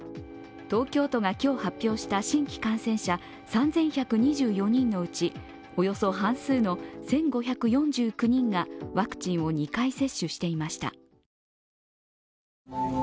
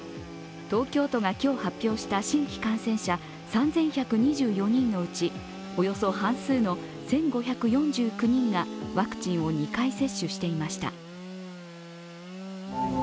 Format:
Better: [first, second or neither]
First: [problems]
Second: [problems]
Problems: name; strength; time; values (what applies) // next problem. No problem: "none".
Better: first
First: none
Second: background sound (Sawing / Engine); 13 dB below the speech